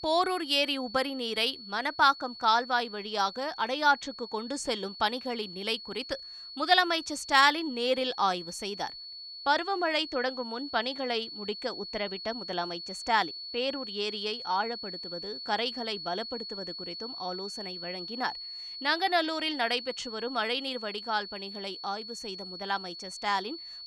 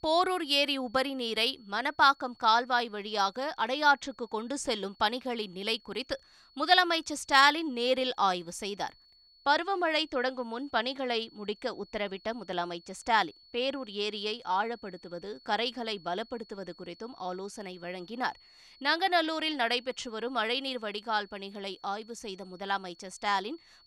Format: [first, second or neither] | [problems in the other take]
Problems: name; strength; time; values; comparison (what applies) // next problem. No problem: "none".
second | high-pitched whine; loud; throughout; 4.5 kHz, 10 dB below the speech; faint in the second